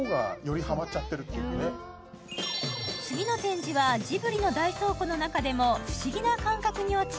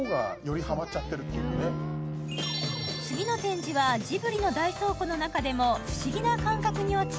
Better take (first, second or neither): first